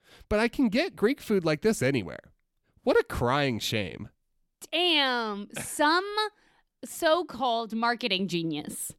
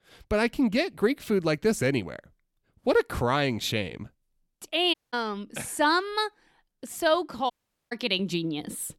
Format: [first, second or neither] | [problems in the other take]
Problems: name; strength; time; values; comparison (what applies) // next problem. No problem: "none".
first | audio cutting out; at 5 s and at 7.5 s